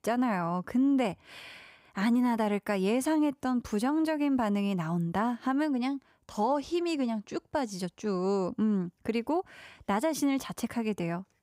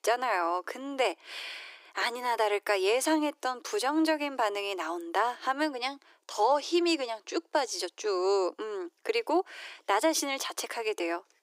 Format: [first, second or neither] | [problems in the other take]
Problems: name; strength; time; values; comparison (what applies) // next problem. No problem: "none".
first | thin; very; fading below 300 Hz